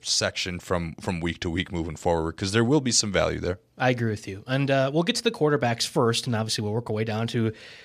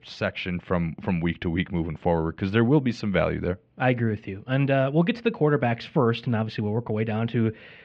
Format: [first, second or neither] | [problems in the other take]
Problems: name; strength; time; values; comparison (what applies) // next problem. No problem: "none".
first | muffled; very; fading above 2.5 kHz